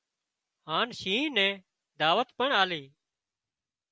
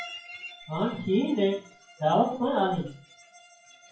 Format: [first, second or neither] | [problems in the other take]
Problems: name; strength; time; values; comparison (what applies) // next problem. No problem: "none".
first | noise reduction (classical method WPE with log-MMSE)